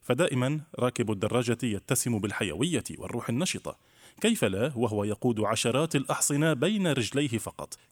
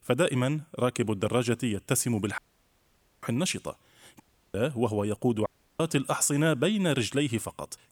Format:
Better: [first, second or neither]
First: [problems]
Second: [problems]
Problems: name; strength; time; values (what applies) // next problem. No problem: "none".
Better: first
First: none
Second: audio cutting out; at 2.5 s for 1 s, at 4 s and at 5.5 s